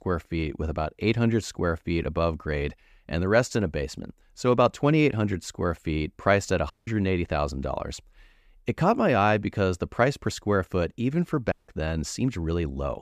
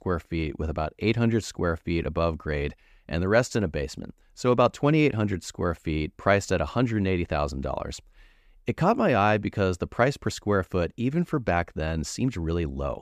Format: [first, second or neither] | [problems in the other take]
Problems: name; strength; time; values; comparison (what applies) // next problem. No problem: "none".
second | audio cutting out; at 6.5 s and at 12 s